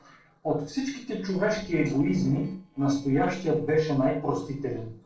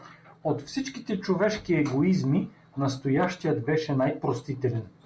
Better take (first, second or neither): second